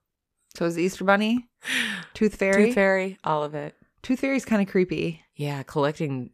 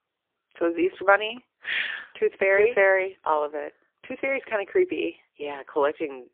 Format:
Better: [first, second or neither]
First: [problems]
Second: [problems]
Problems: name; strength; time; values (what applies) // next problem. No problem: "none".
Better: first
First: none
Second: phone-call audio; poor line; nothing above 3.5 kHz